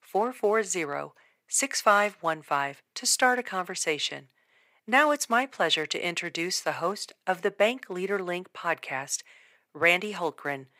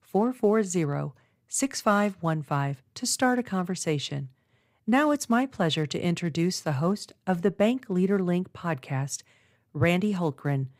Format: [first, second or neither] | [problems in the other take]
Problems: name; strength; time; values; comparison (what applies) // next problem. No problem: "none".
second | thin; very; fading below 500 Hz